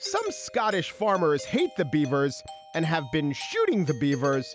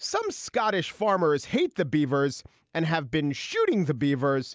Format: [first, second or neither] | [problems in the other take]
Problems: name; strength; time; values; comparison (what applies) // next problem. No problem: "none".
second | background sound (Doorbell); 17 dB below the speech